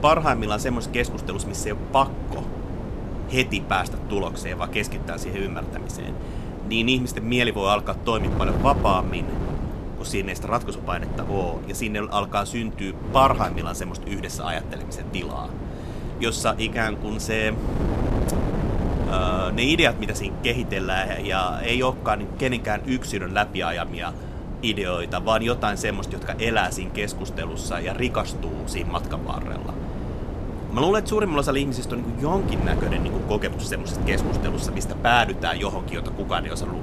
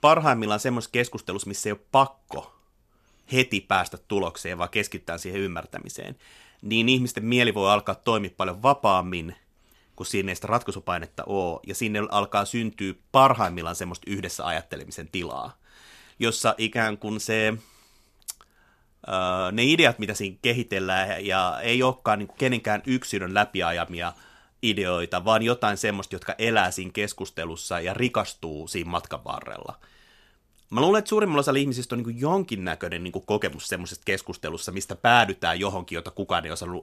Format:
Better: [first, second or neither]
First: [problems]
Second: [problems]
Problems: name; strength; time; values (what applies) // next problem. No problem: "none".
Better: second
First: wind noise on the microphone; occasional gusts; 10 dB below the speech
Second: none